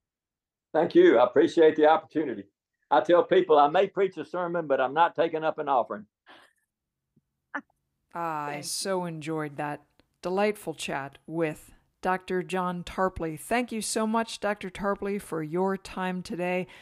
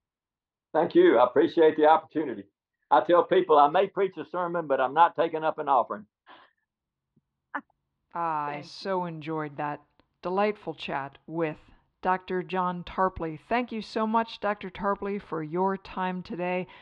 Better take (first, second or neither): first